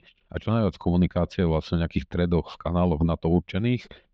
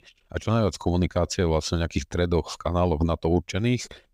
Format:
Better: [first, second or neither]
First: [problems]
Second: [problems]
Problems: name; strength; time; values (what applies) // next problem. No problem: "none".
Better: second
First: muffled; slightly; fading above 3.5 kHz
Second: none